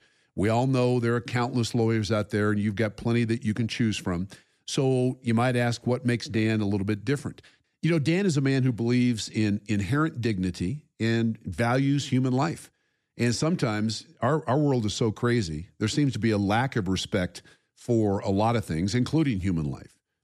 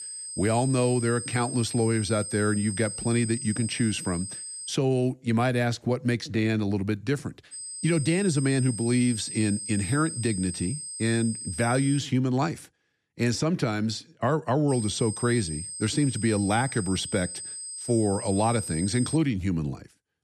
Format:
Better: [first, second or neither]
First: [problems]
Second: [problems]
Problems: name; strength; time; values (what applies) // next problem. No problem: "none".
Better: first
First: none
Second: high-pitched whine; loud; until 4.5 s, from 7.5 to 12 s and from 15 to 19 s; 8.5 kHz, 8 dB below the speech